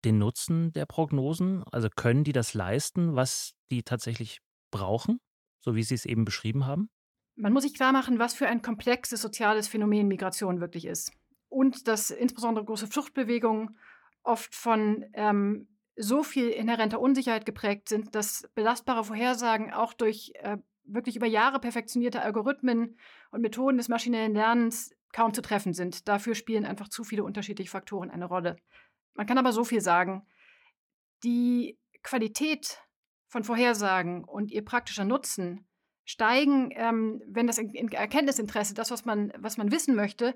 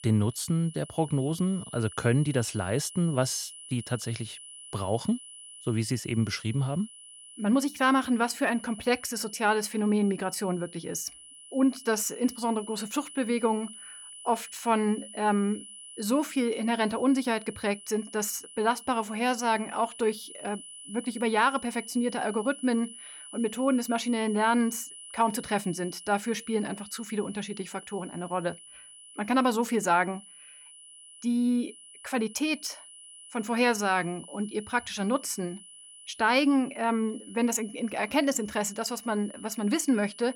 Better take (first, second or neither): first